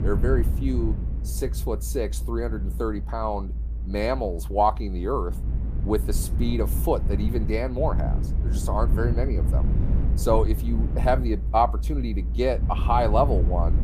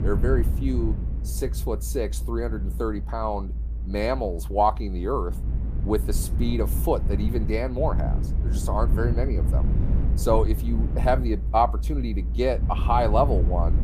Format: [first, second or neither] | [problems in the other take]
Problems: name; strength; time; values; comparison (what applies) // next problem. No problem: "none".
neither | low rumble; noticeable; throughout; 15 dB below the speech; the same in both